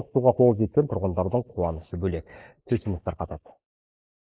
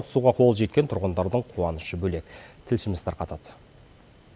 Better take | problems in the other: second | noise reduction (neural mask model Resemble Enhance denoiser)

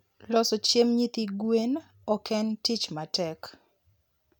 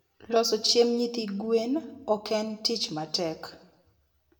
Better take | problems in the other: first | room echo; dies away in 0.7 s

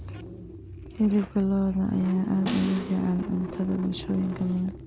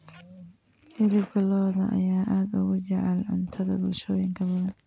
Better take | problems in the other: second | background sound (Engine starting / Car + Snare drum); 10 dB below the speech

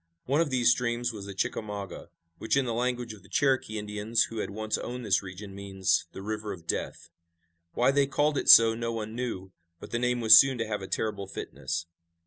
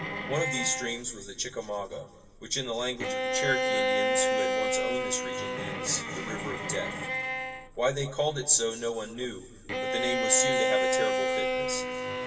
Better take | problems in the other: first | background sound (Bowed string instrument); 1 dB above the speech // room echo; dies away in 2.6 s

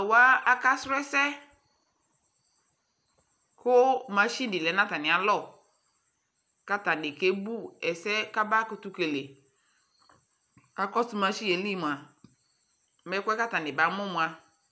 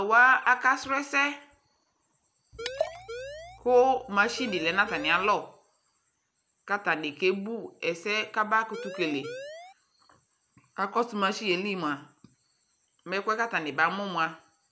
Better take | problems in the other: first | background sound (Liquid + Siren); 10 dB below the speech

